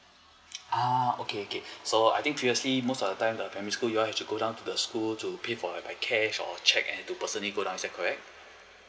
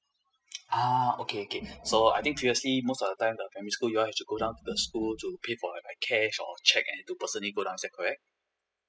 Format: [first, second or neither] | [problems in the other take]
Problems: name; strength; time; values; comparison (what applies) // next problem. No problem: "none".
first | noise reduction (classical method spectral subtraction)